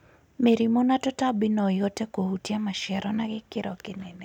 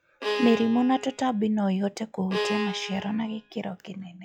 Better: first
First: none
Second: noise reduction (classical method log-MMSE)

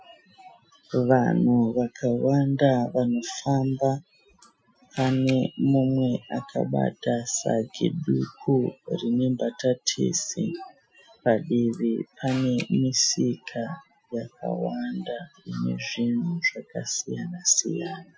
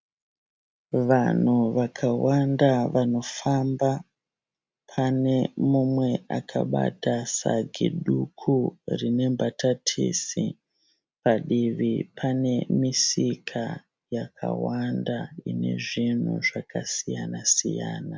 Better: second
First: noise reduction (classical method Wiener filter)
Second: none

